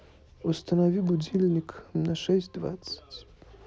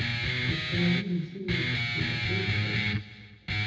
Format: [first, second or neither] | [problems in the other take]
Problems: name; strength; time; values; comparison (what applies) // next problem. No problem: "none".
first | background sound (Guitar); 4 dB above the speech // room echo; dies away in 0.6 s